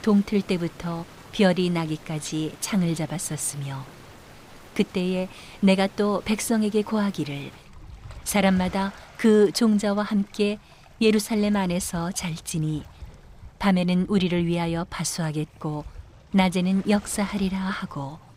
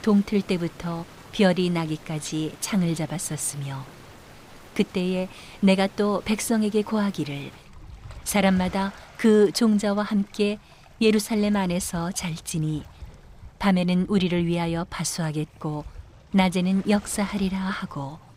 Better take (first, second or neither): neither